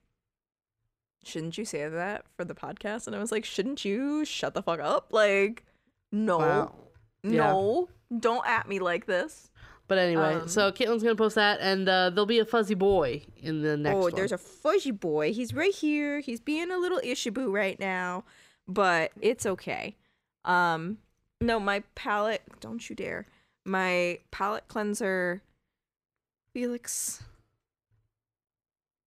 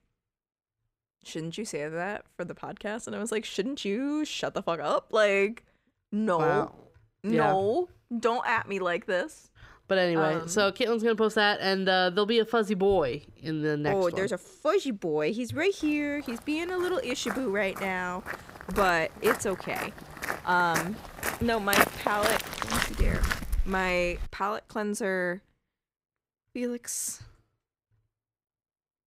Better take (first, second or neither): first